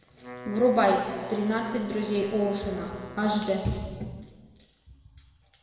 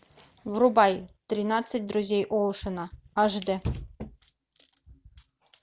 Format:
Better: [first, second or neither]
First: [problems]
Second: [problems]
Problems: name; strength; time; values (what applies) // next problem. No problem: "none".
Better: second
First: background sound (Wind instrument, woodwind instrument); 16 dB below the speech // room echo; dies away in 1.6 s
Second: none